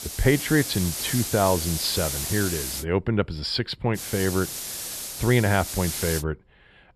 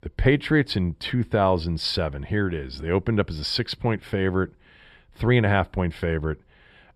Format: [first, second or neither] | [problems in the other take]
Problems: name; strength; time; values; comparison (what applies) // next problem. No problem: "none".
second | hiss; loud; until 3 s and from 4 to 6 s; 5 dB below the speech